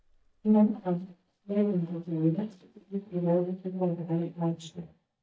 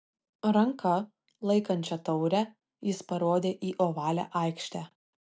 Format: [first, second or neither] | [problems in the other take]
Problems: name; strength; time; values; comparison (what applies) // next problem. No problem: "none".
second | noise reduction (neural mask model DeepFilterNet 3)